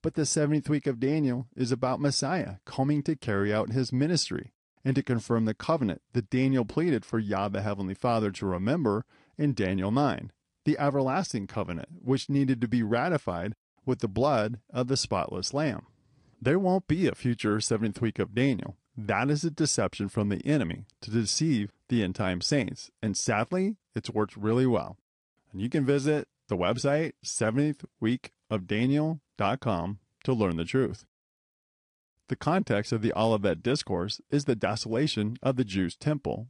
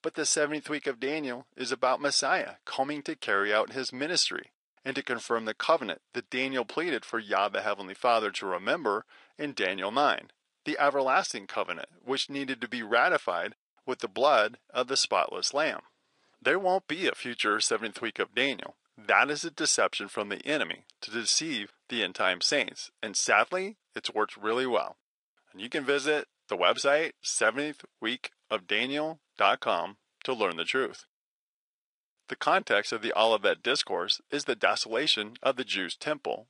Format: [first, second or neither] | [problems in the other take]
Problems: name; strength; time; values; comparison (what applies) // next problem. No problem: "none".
first | thin; very; fading below 600 Hz